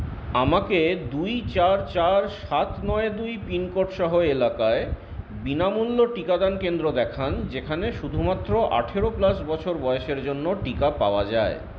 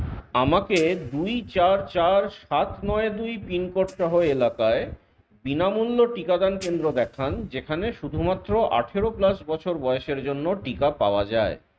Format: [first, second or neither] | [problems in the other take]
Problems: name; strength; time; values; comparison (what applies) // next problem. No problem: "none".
first | noise reduction (neural mask model RNNoise)